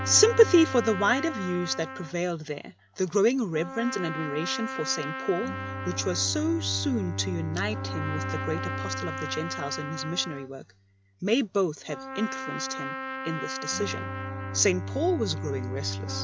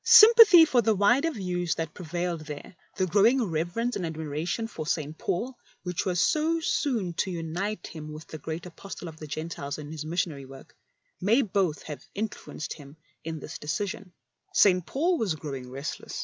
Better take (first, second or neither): second